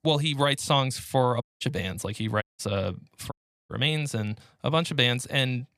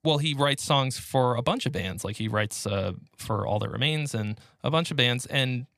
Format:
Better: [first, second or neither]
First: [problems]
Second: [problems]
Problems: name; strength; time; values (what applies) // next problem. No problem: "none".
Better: second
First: audio cutting out; at 1.5 s, at 2.5 s and at 3.5 s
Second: none